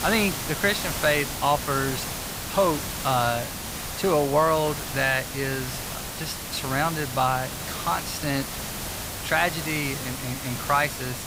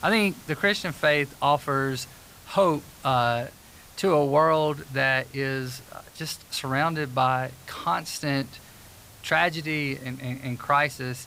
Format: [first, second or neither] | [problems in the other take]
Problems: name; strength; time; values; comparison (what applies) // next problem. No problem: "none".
second | hiss; loud; throughout; 5 dB below the speech; faint in the second